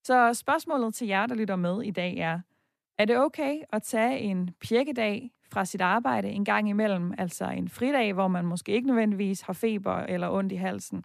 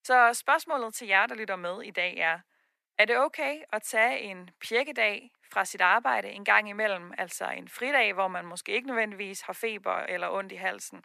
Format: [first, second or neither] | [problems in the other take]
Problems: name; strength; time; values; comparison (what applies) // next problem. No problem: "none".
first | thin; very; fading below 600 Hz